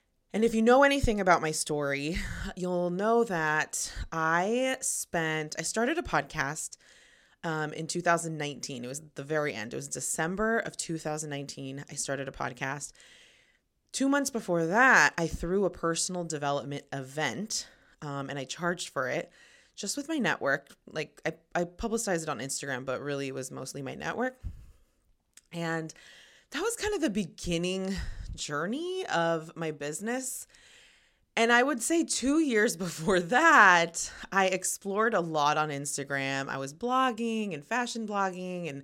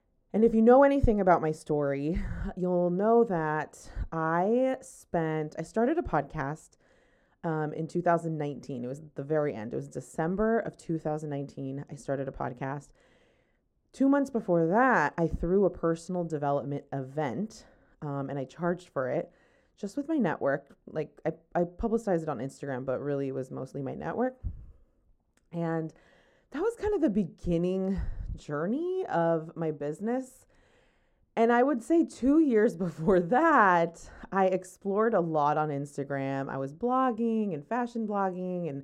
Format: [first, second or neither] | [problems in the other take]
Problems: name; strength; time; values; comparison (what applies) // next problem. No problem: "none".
first | muffled; very; fading above 1.5 kHz